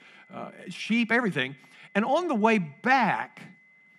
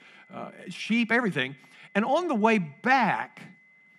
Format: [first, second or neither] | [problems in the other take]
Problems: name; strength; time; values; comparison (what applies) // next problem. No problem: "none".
neither | high-pitched whine; faint; throughout; 2 kHz, 30 dB below the speech; the same in both